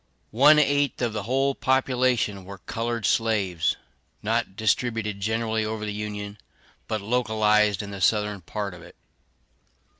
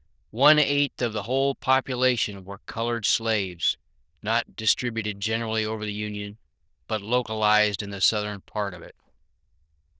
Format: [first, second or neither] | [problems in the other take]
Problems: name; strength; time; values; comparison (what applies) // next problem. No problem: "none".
first | noise reduction (neural diffusion model UNIVERSE++)